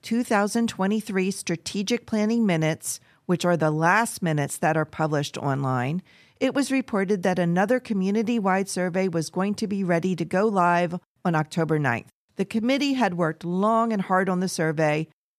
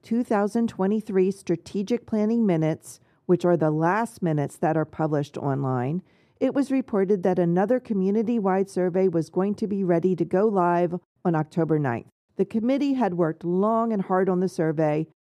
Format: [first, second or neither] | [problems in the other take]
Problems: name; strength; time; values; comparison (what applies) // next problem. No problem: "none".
first | muffled; slightly; fading above 1.5 kHz